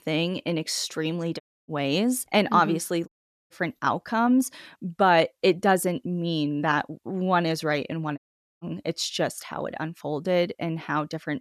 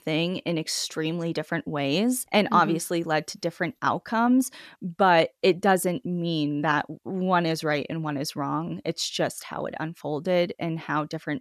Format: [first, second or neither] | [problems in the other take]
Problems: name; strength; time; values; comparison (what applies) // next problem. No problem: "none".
second | audio cutting out; at 1.5 s, at 3 s and at 8 s